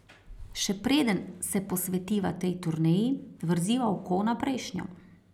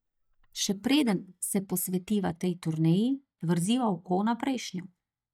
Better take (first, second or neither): first